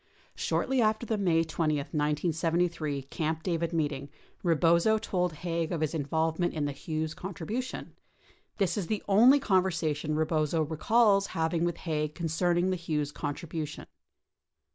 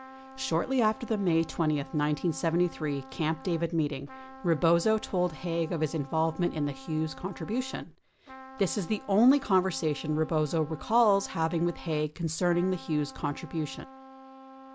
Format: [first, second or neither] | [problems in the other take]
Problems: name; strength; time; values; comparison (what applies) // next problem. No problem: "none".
first | background sound (Trumpet); 19 dB below the speech